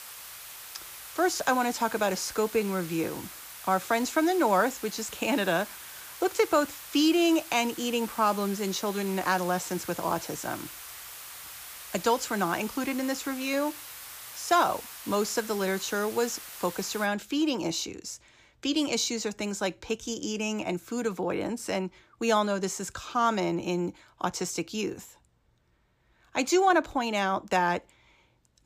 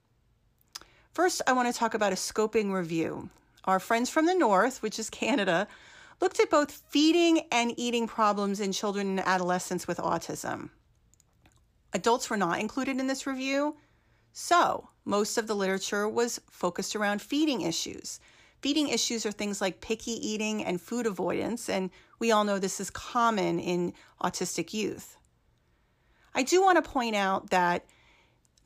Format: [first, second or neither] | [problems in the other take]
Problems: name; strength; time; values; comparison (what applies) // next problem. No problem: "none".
second | hiss; noticeable; until 17 s; 10 dB below the speech